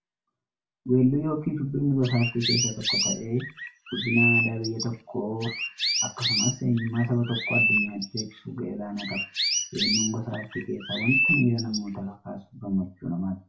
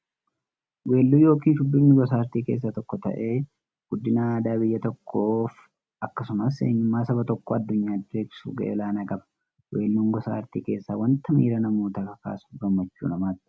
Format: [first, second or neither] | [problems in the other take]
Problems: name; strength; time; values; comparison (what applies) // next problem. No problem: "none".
second | background sound (Chirp, tweet); 1 dB below the speech // room echo; dies away in 0.3 s